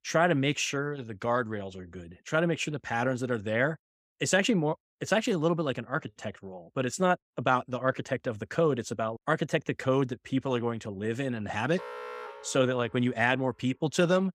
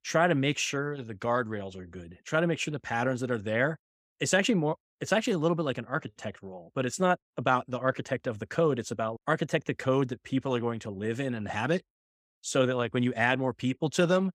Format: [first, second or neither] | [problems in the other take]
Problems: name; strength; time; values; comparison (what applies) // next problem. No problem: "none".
second | alarm; faint; from 12 to 13 s; peak 10 dB below the speech